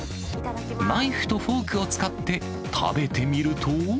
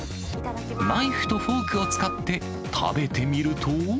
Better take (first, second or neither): first